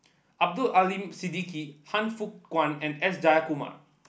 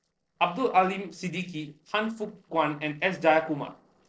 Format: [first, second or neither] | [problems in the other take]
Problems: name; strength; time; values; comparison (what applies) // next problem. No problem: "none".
first | noise reduction (neural separator model SepFormer DNS4)